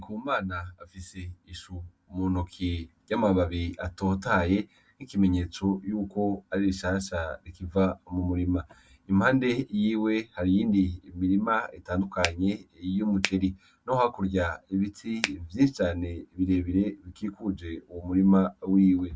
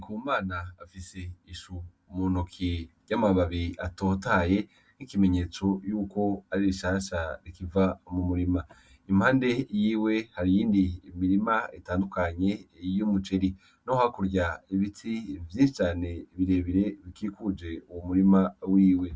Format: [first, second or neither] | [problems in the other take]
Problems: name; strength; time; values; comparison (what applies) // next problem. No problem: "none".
second | background sound (Finger snapping); 6 dB below the speech